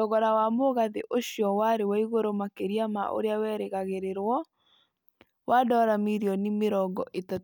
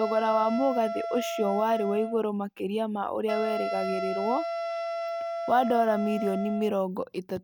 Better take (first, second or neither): first